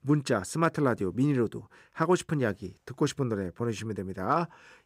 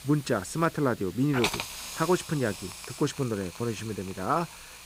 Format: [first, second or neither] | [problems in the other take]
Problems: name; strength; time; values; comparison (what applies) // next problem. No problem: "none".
first | hiss; loud; throughout; 8 dB below the speech